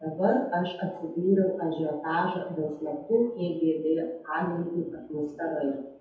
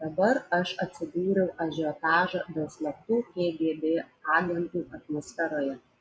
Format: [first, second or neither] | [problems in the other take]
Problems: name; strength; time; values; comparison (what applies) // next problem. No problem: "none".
second | room echo; dies away in 0.7 s